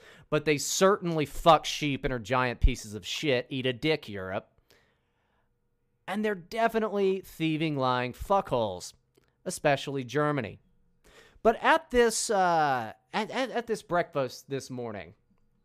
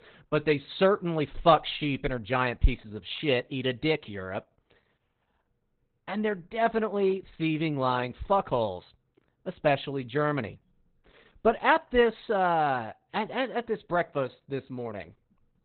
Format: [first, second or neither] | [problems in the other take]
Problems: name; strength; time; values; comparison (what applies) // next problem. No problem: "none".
first | garbled, watery; badly; nothing above 4 kHz